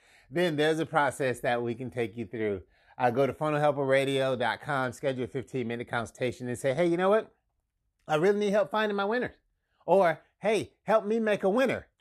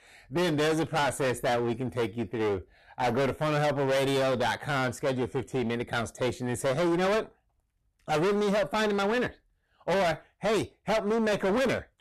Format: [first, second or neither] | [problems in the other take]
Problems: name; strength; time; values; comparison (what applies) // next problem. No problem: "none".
first | distortion; heavy; 23% of the sound clipped